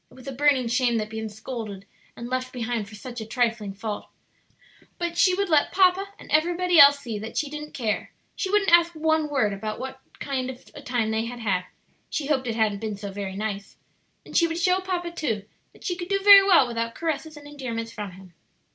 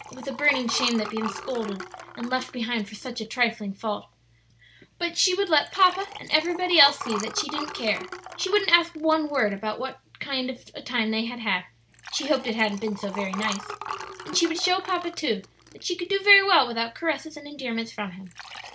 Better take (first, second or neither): first